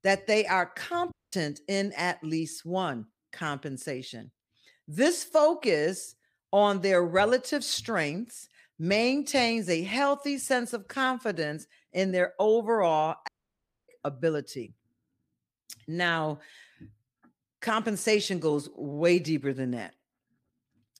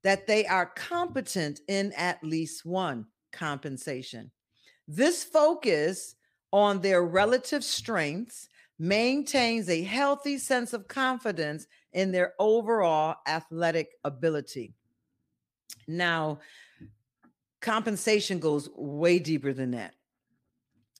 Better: second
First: audio cutting out; at 1 s and at 13 s for 0.5 s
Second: none

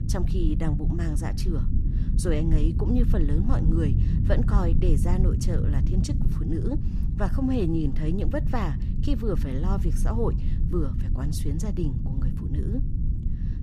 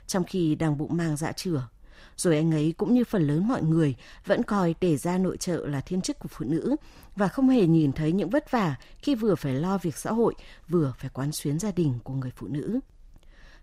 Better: second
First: low rumble; loud; throughout; 6 dB below the speech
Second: none

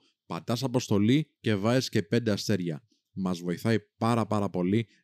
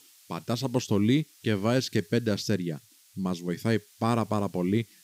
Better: first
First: none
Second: hiss; faint; throughout; 25 dB below the speech

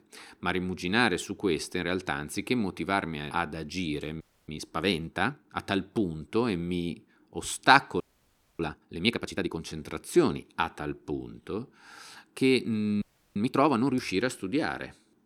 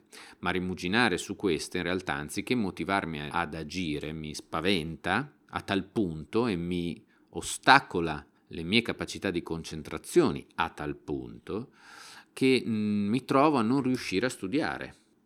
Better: second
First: audio freezing; at 4 s, at 8 s for 0.5 s and at 13 s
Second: none

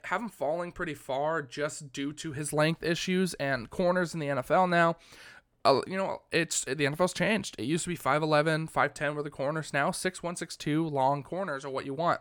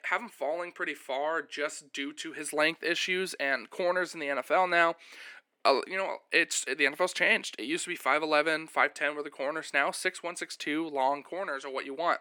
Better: first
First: none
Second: thin; somewhat; fading below 250 Hz

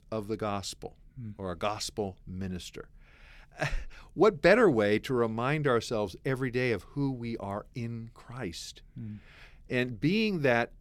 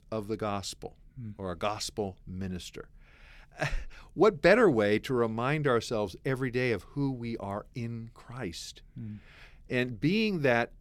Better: neither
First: none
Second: none

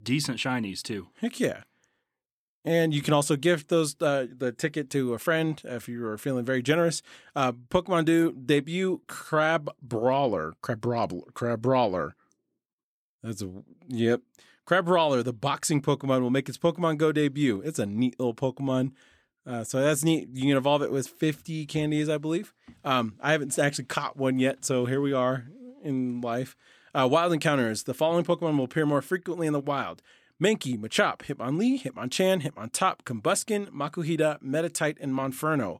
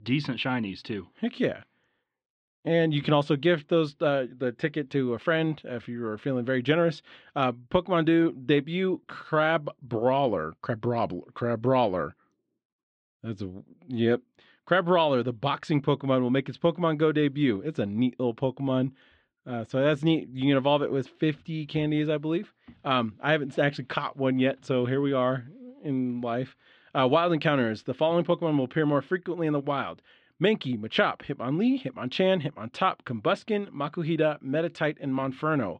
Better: first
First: none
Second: muffled; slightly; fading above 3.5 kHz

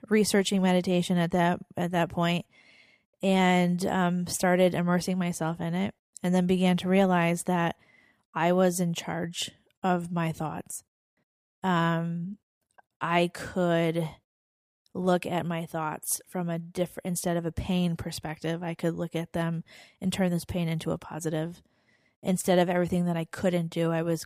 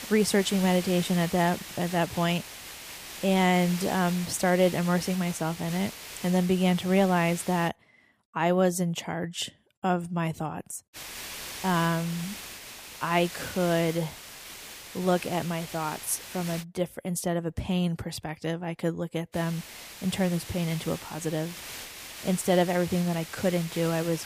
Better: first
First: none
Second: hiss; noticeable; until 7.5 s, from 11 to 17 s and from 19 s on; 10 dB below the speech

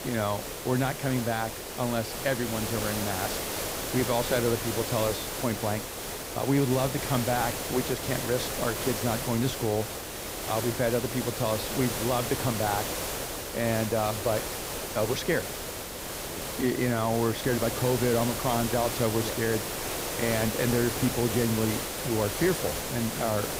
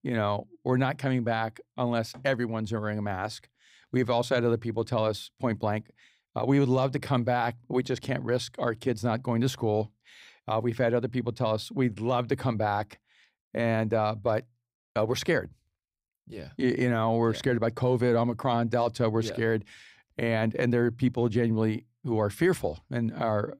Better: second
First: hiss; loud; throughout; 3 dB below the speech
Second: none

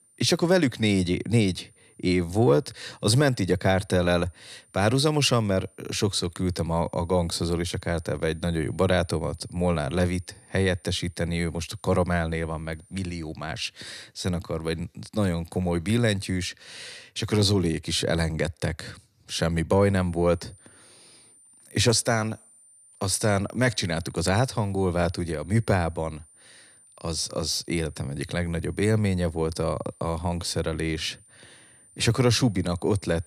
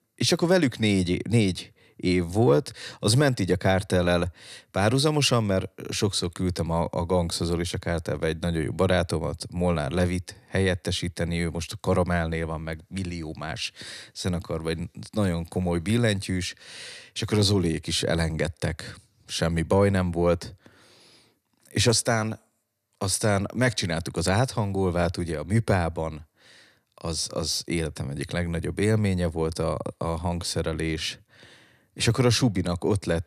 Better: second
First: high-pitched whine; faint; until 13 s and from 20 s on; 9 kHz, 30 dB below the speech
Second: none

